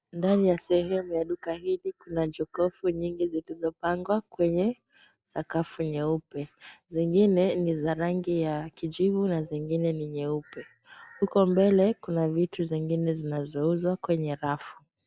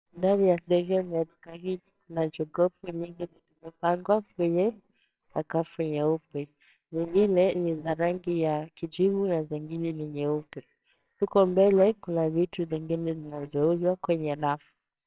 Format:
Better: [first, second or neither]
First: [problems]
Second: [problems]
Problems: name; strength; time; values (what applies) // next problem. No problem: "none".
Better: first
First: none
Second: noise reduction (neural separator model SepFormer WHAMR!)